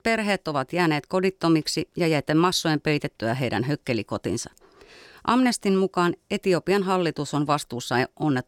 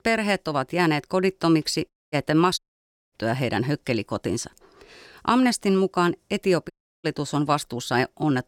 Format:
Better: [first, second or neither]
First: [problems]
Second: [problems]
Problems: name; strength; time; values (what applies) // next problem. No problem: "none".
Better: first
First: none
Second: audio cutting out; at 2 s, at 2.5 s for 0.5 s and at 6.5 s